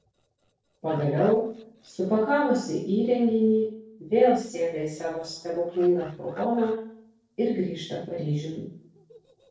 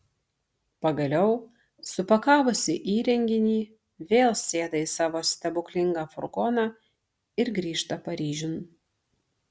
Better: second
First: noise reduction (neural separator model SepFormer DNS4)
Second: none

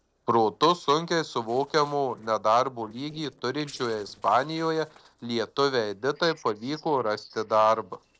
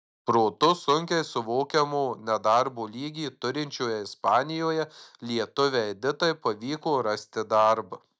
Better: second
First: noise reduction (neural separator model SepFormer DNS4)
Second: none

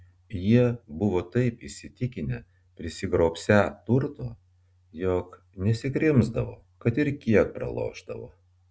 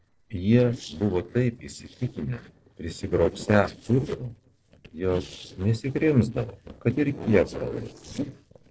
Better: first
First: none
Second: noise reduction (neural separator model SepFormer DNS4)

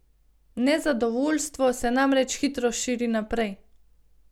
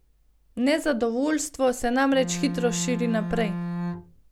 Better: first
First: none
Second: background sound (Bowed string instrument); 5 dB below the speech

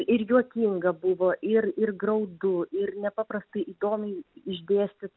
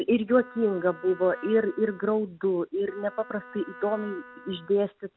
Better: first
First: none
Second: background sound (Wind instrument, woodwind instrument); 20 dB below the speech

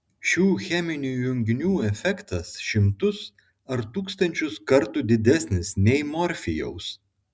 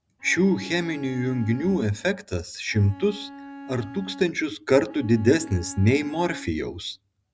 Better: first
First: none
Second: background sound (Bowed string instrument); 17 dB below the speech

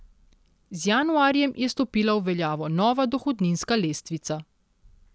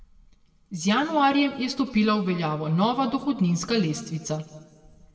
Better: first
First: none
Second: room echo; dies away in 1.3 s

